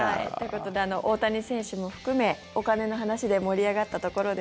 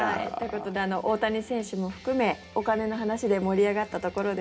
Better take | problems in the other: first | room echo; dies away in 0.3 s

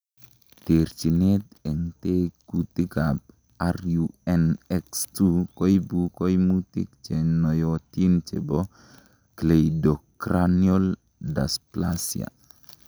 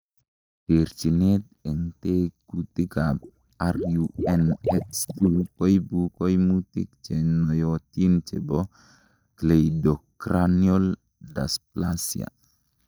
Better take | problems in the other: first | noise reduction (neural mask model DeepFilterNet 3)

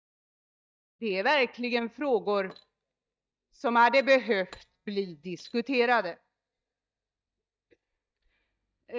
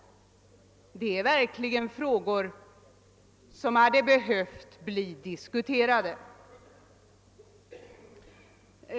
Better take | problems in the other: second | noise reduction (neural mask model DeepFilterNet 3)

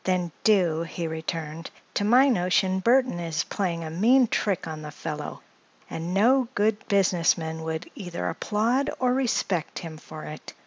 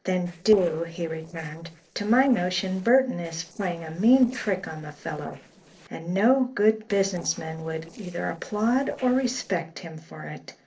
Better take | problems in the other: first | noise reduction (neural separator model SepFormer DNS4)

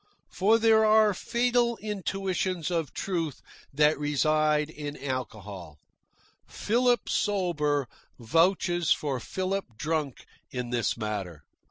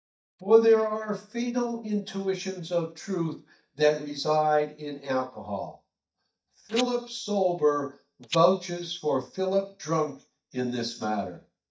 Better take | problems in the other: first | noise reduction (neural mask model DeepFilterNet 3)

